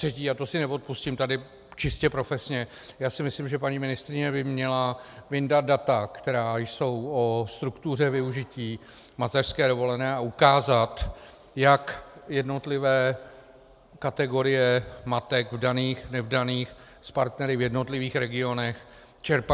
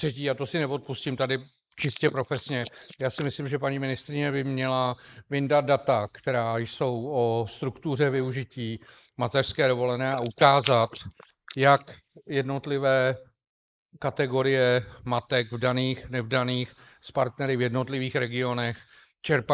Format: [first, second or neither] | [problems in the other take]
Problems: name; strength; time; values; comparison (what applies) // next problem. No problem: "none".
first | noise reduction (neural mask model Resemble Enhance denoiser)